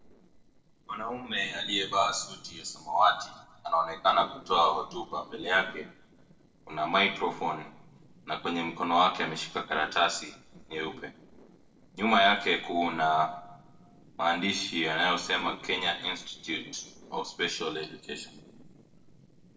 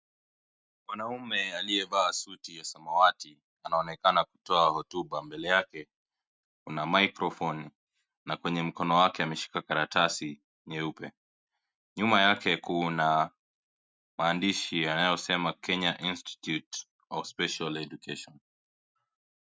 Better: second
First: noise reduction (neural separator model SepFormer DNS4)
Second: none

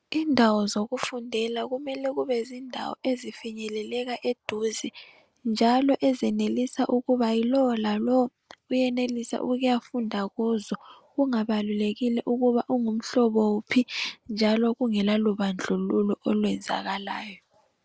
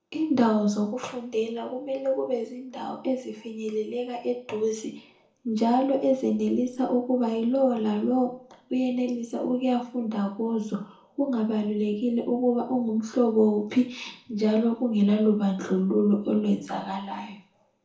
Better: first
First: none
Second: room echo; dies away in 0.5 s

